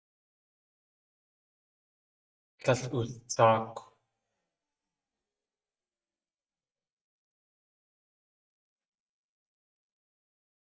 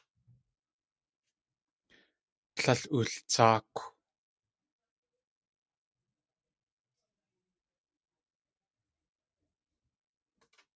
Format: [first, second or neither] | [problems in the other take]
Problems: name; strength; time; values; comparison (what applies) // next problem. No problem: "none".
second | noise reduction (neural mask model DeepFilterNet 3)